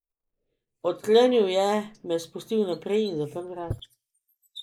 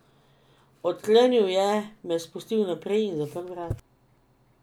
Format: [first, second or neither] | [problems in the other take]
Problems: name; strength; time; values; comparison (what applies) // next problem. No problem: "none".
second | noise reduction (neural mask model Resemble Enhance denoiser)